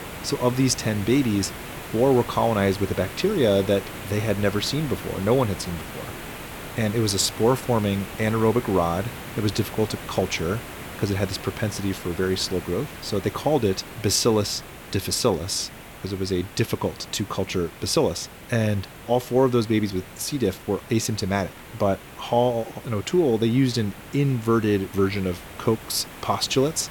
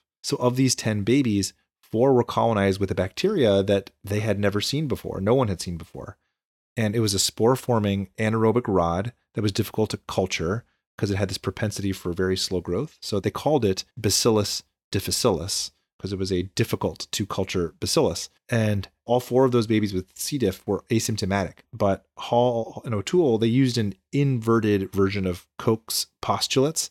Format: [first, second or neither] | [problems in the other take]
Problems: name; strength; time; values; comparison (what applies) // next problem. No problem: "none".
second | hiss; noticeable; throughout; 15 dB below the speech